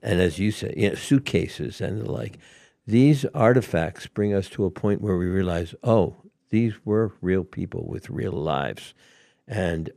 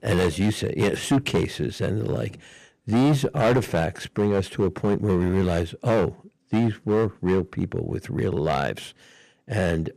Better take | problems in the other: first | distortion; heavy; 8% of the sound clipped

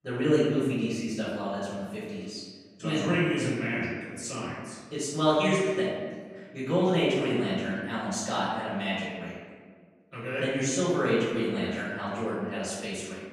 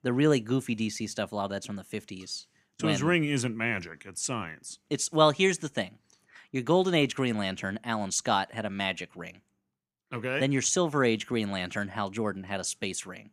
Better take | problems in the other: second | off-mic speech; far // room echo; strong; dies away in 1.5 s

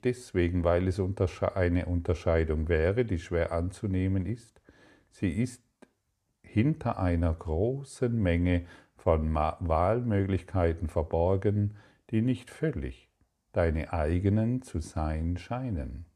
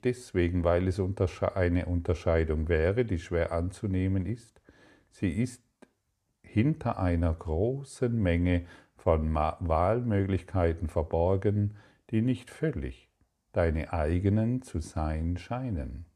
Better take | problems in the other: neither | none

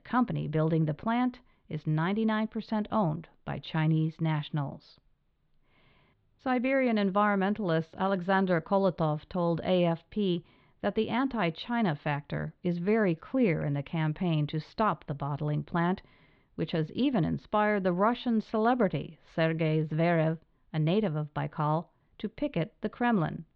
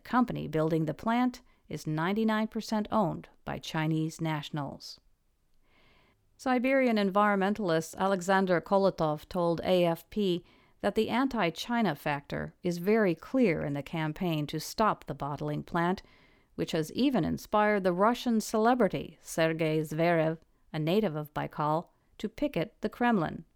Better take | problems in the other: second | muffled; slightly; fading above 4 kHz

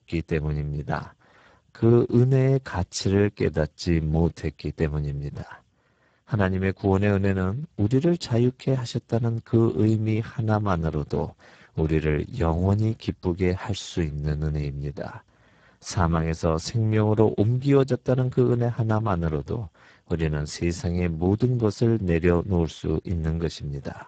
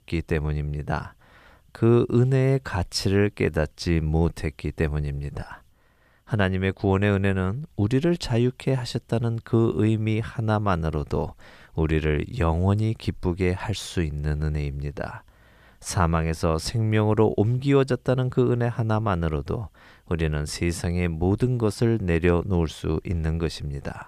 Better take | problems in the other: second | garbled, watery; badly; nothing above 8 kHz

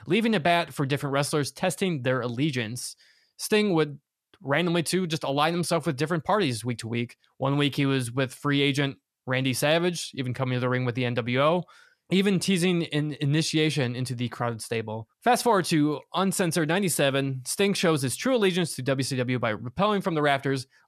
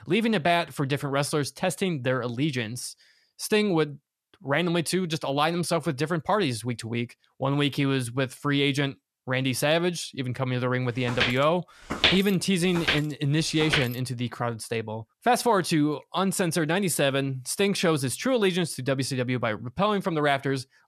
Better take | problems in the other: first | footsteps; loud; from 11 to 14 s; peak 4 dB above the speech

